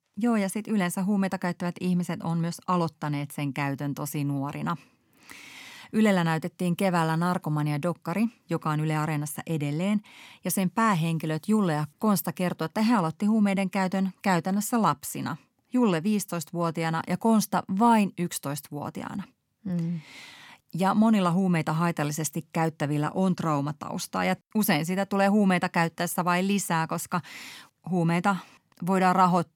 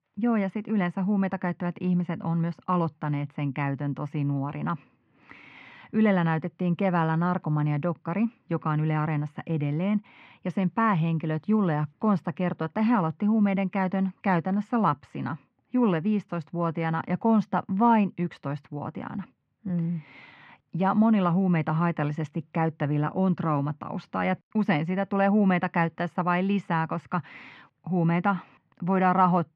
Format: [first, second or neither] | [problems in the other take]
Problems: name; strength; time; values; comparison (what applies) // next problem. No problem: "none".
first | muffled; very; fading above 2.5 kHz